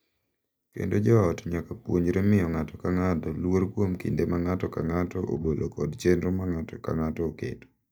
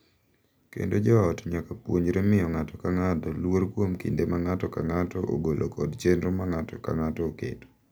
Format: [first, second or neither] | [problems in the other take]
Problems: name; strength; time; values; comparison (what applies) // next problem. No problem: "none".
second | noise reduction (neural mask model DeepFilterNet 3)